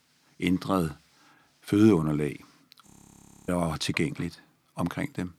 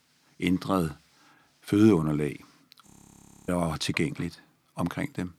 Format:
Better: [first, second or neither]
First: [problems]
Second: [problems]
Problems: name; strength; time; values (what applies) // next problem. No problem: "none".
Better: neither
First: audio freezing; at 3 s for 0.5 s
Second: audio freezing; at 3 s for 0.5 s